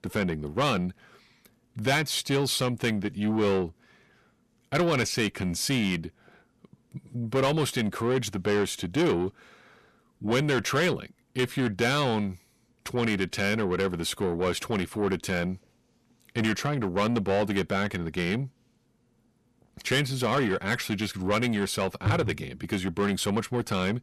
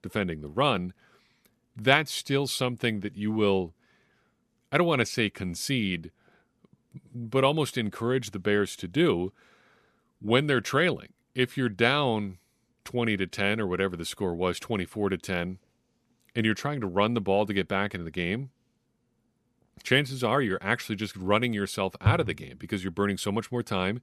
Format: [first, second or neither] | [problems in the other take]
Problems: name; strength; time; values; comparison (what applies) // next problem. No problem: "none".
second | distortion; heavy; 7 dB below the speech